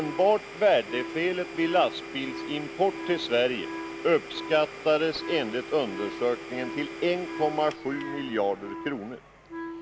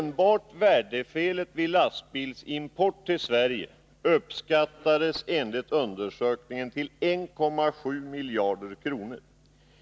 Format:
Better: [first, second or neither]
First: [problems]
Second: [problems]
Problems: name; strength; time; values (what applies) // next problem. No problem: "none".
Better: second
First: background sound (Wind instrument, woodwind instrument + Domestic sounds, home sounds); 10 dB below the speech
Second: none